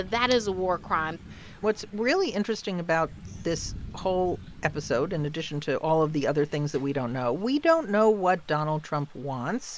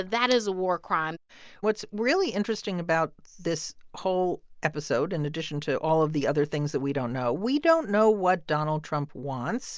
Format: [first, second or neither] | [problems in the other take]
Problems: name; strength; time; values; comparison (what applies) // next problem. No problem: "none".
second | background sound (Thunder / Rain); 18 dB below the speech